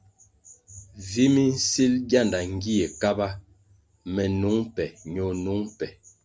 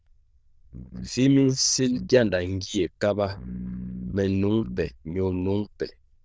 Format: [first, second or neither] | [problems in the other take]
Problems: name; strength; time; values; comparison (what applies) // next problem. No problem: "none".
first | noise reduction (neural diffusion model UNIVERSE++)